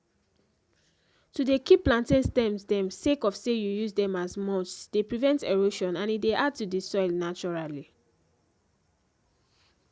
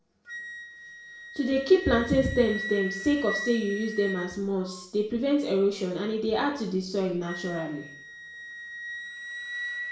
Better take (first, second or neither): first